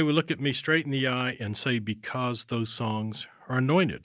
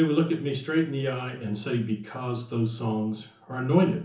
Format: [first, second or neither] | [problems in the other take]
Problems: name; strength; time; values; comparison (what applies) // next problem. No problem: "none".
first | room echo; dies away in 0.6 s